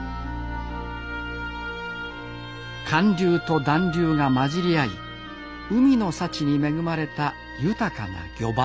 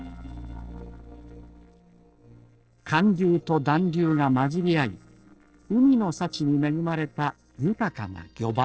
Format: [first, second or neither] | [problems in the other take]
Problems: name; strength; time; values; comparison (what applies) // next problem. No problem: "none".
first | noise reduction (neural separator model SepFormer DNS4)